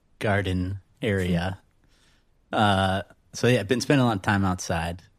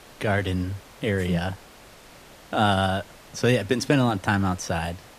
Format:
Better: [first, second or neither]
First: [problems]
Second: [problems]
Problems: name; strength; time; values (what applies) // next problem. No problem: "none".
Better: first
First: none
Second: hiss; faint; throughout; 25 dB below the speech